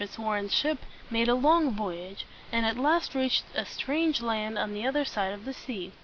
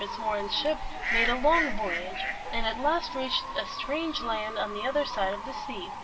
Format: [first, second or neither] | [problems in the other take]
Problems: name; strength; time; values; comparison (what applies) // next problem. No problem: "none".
first | background sound (Bird / Fowl); 5 dB below the speech // room echo; dies away in 3 s